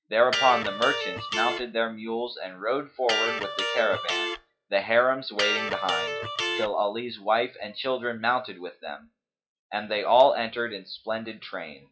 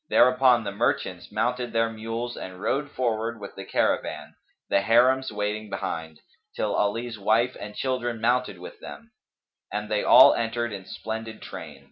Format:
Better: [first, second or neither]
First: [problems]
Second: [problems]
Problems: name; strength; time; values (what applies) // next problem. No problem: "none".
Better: second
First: noise reduction (classical method log-MMSE)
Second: none